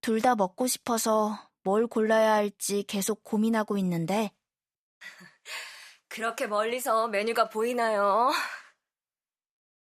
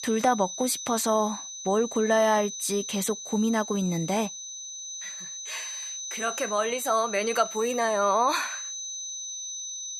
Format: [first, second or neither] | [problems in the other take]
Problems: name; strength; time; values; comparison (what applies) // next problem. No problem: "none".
first | high-pitched whine; loud; throughout; 6 kHz, 8 dB below the speech